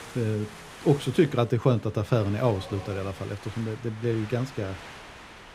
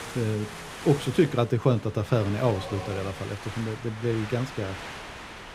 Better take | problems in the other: first | wind noise on the microphone; heavy; 7 dB below the speech; occasional gusts in the first

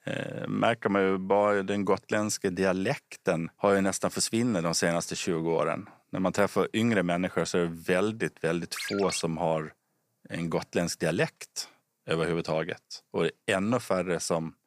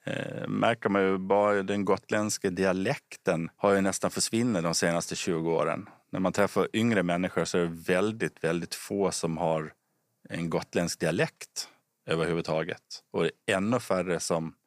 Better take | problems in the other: second | phone ringing; noticeable; at 9 s; peak 6 dB below the speech

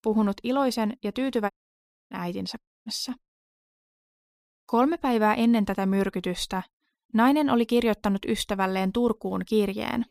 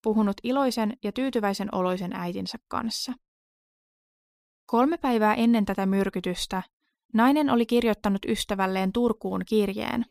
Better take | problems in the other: second | audio cutting out; at 1.5 s for 0.5 s and at 2.5 s

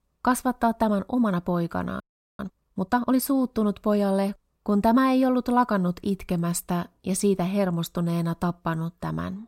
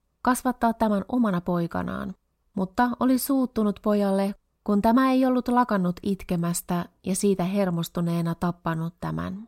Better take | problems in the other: second | audio freezing; at 2 s

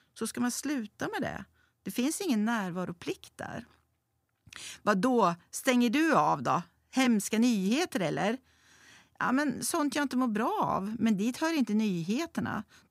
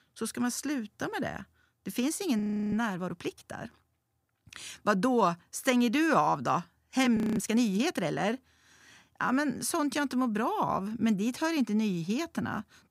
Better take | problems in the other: first | audio freezing; at 2.5 s and at 7 s

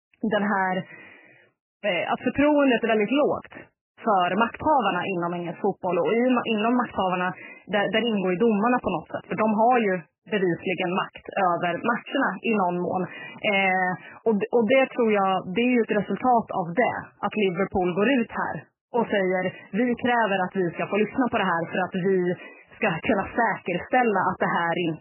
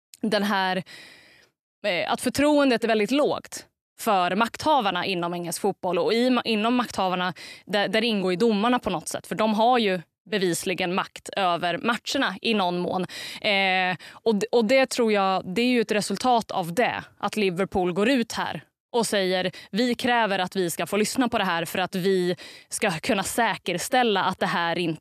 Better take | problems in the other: second | garbled, watery; badly; nothing above 3 kHz

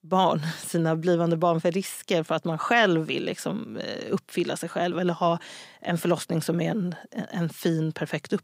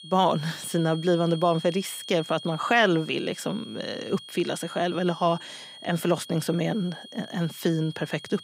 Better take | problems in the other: first | high-pitched whine; noticeable; throughout; 3.5 kHz, 15 dB below the speech

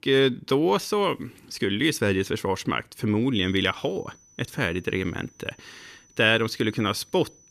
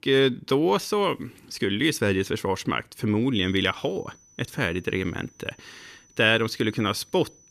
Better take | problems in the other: neither | high-pitched whine; faint; from 3.5 s on; 6 kHz, 30 dB below the speech; the same in both

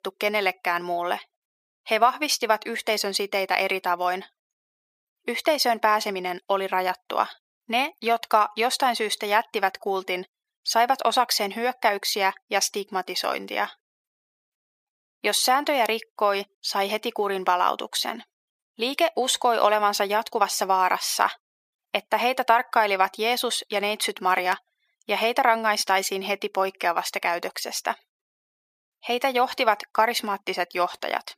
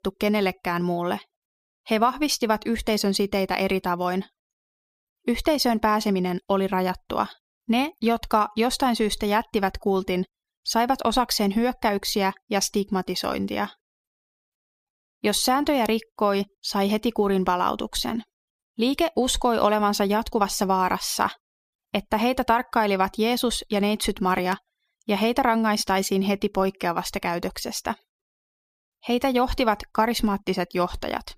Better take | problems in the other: second | thin; somewhat; fading below 450 Hz

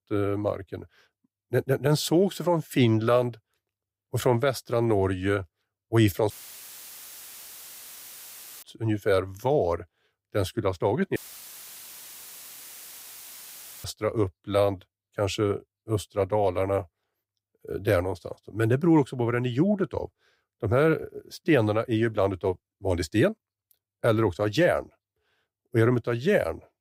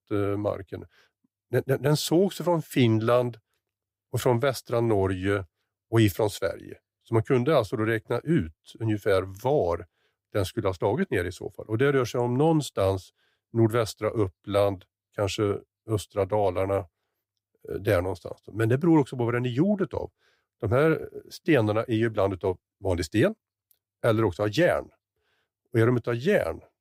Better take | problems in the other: second | audio cutting out; filled with static; at 6.5 s for 2.5 s and at 11 s for 2.5 s

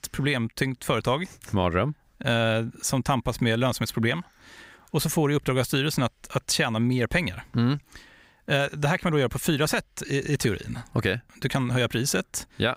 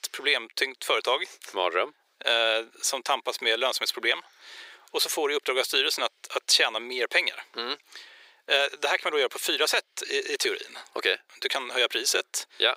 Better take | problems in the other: first | thin; very; fading below 400 Hz

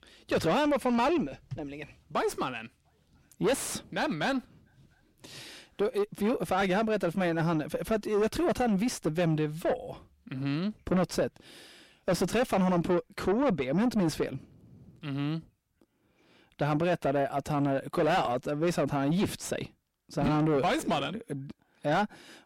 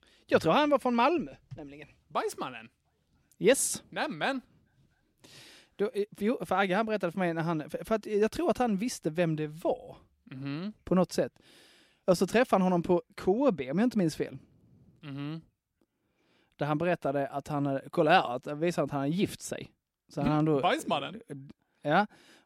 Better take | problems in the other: second | distortion; heavy; 6 dB below the speech

